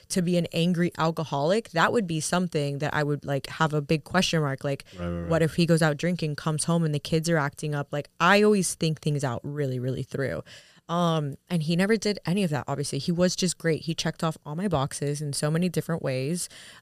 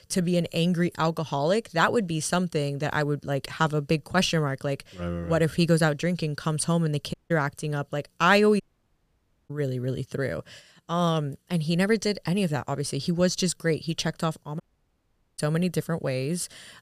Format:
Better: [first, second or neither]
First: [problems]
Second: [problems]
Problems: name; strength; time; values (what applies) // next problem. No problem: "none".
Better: first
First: none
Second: audio cutting out; at 7 s, at 8.5 s for 1 s and at 15 s for 1 s